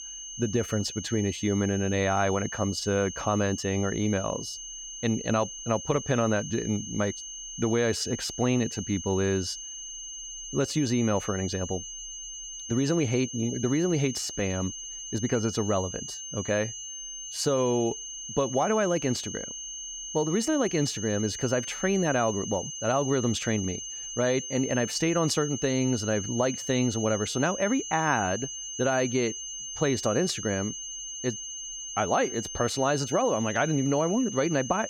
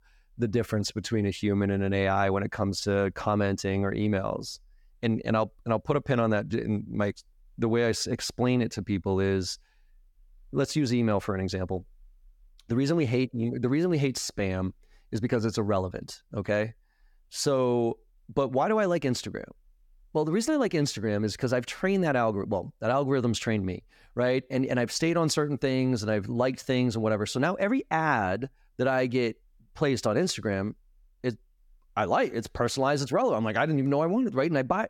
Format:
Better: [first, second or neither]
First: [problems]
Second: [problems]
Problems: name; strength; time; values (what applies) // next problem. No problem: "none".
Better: second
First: high-pitched whine; loud; throughout; 6.5 kHz, 8 dB below the speech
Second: none